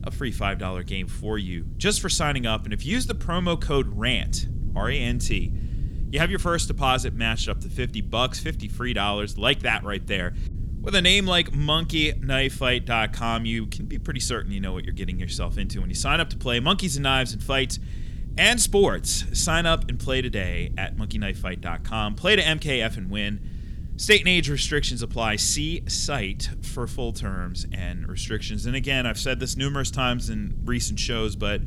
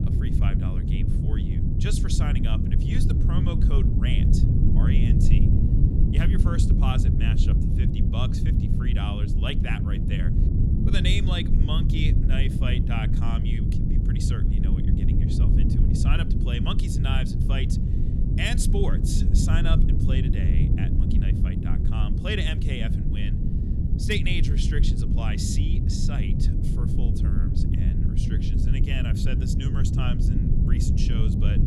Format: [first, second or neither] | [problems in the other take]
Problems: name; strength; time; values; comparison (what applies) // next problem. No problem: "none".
first | low rumble; loud; throughout; 1 dB below the speech; faint in the first